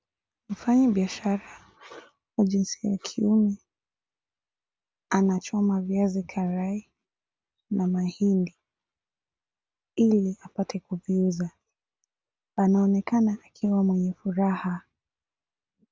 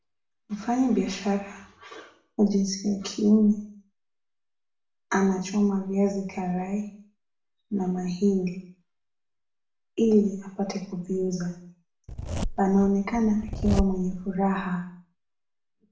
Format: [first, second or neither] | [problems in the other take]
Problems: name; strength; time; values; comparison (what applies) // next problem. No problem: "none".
first | background sound (Zipper (clothing)); 4 dB below the speech // room echo; dies away in 0.5 s